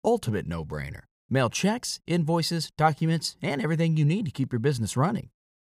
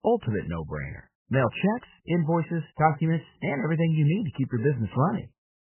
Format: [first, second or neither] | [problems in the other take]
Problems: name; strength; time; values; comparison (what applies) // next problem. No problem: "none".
first | garbled, watery; badly; nothing above 3 kHz